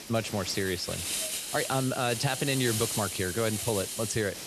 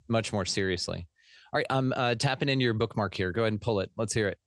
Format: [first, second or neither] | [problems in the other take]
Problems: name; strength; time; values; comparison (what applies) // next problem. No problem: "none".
second | hiss; loud; throughout; 3 dB below the speech